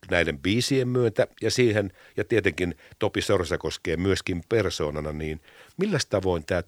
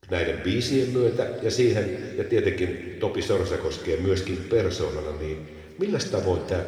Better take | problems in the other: first | room echo; noticeable; dies away in 1.9 s // off-mic speech; somewhat distant

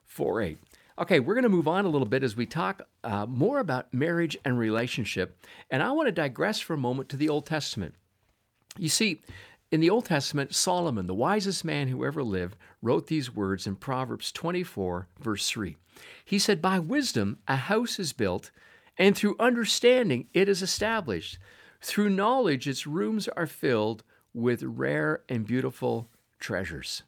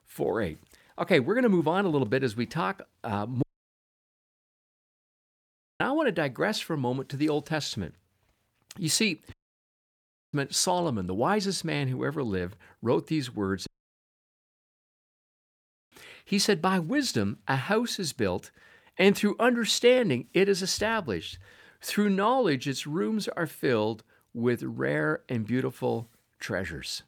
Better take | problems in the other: first | audio cutting out; at 3.5 s for 2.5 s, at 9.5 s for 1 s and at 14 s for 2.5 s

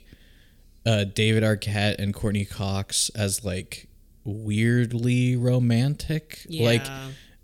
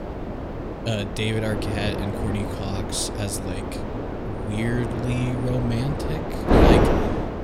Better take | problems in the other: first | wind noise on the microphone; heavy; 3 dB above the speech

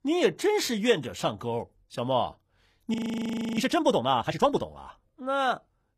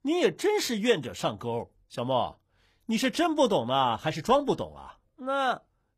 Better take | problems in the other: second | audio freezing; at 3 s for 0.5 s

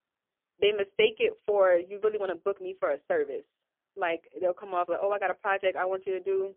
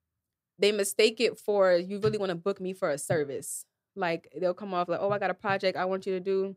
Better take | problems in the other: second | phone-call audio; poor line; nothing above 3 kHz

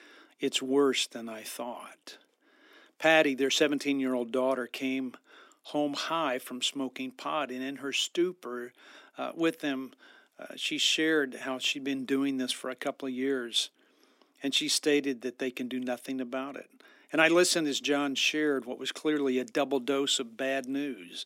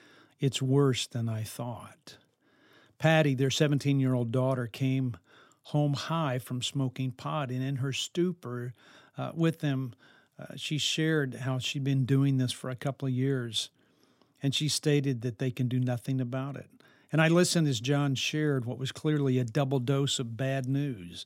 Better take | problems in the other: second | thin; somewhat; fading below 250 Hz

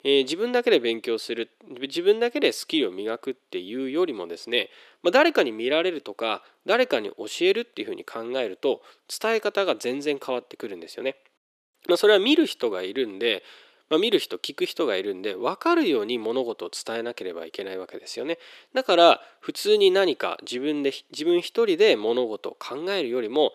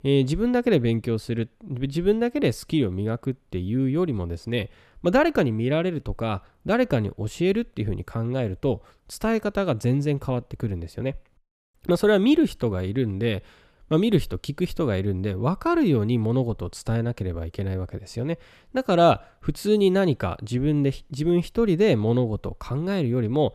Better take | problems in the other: second | thin; somewhat; fading below 350 Hz

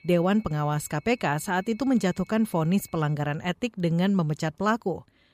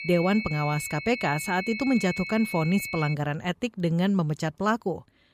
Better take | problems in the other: first | high-pitched whine; loud; until 3 s; 2 kHz, 7 dB below the speech; faint in the first

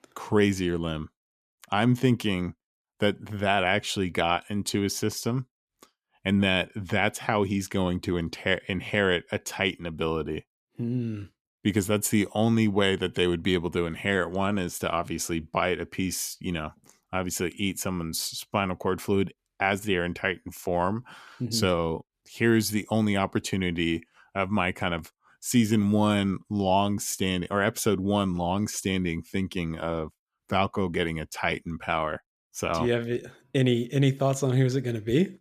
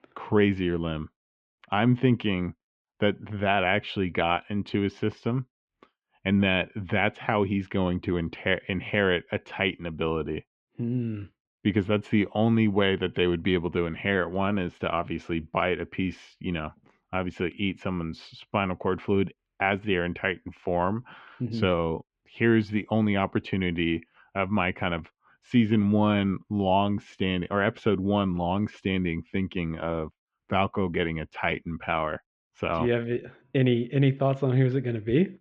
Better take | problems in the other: first | muffled; very; fading above 3 kHz

